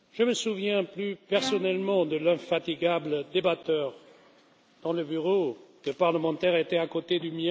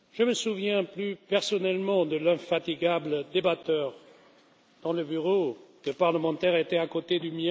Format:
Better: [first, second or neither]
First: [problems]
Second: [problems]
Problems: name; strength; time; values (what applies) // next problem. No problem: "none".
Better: second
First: background sound (Bowed string instrument); 16 dB below the speech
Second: none